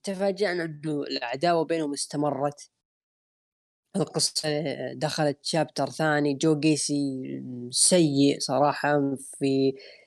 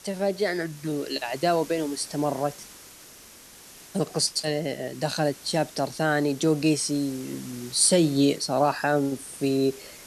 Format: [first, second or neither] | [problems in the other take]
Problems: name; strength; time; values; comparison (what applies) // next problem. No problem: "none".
first | hiss; noticeable; throughout; 20 dB below the speech